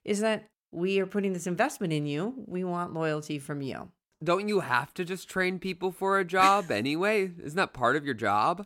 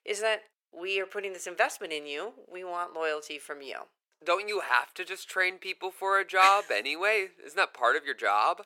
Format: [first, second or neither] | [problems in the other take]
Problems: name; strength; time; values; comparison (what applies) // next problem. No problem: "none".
first | thin; very; fading below 450 Hz